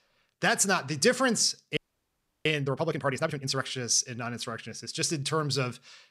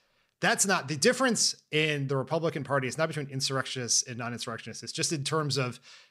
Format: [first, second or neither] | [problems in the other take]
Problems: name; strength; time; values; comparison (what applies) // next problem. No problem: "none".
second | audio freezing; at 2 s for 0.5 s